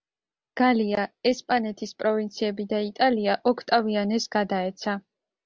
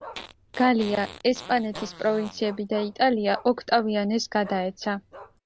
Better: first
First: none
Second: background sound (Fart + Bark); 17 dB below the speech

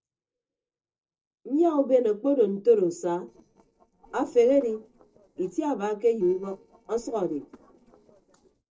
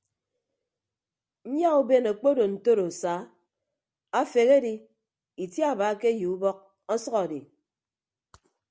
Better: second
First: noise reduction (neural separator model SepFormer DNS4)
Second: none

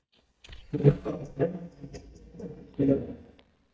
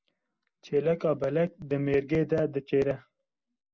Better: second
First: noise reduction (neural mask model DeepFilterNet 3)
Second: none

